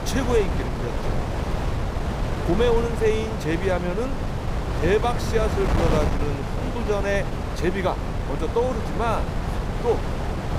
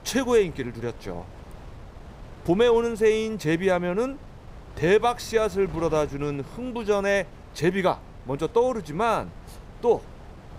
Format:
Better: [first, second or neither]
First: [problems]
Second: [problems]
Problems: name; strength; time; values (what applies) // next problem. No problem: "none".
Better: second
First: wind noise on the microphone; heavy; 5 dB below the speech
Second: wind noise on the microphone; occasional gusts; 25 dB below the speech